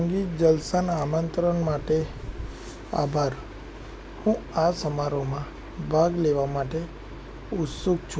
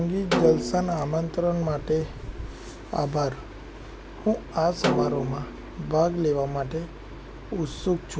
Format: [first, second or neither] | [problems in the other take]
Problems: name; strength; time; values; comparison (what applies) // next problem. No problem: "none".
first | background sound (Snare drum); 5 dB below the speech